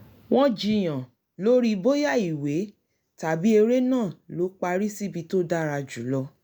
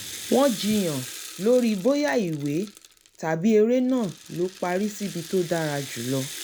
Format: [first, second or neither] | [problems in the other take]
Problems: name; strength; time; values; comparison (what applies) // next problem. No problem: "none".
first | background sound (Rattle (instrument)); 15 dB below the speech